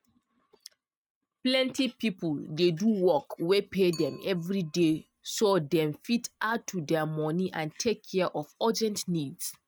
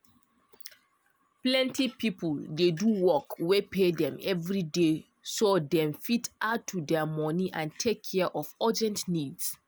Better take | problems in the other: second | noise reduction (neural mask model RNNoise)

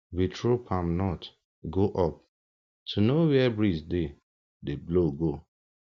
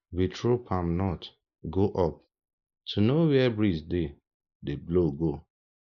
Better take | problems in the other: first | noise reduction (neural mask model Resemble Enhance denoiser)

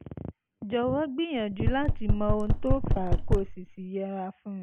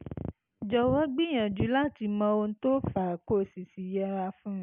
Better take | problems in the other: second | background sound (Knock); 5 dB above the speech

